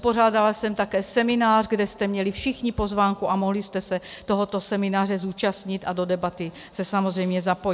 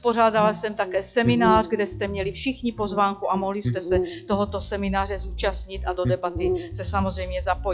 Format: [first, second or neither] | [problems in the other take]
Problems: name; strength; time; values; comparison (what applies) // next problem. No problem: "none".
first | noise reduction (classical method log-MMSE)